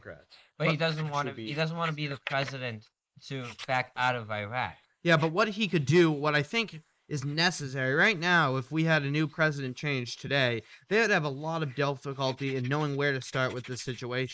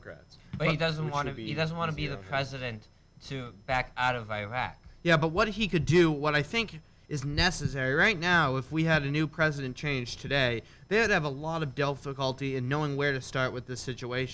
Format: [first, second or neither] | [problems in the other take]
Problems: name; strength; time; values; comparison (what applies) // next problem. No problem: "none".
second | noise reduction (neural mask model Resemble Enhance denoiser)